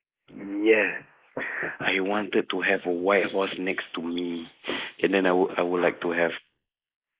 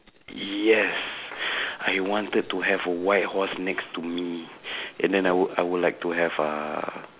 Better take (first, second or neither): second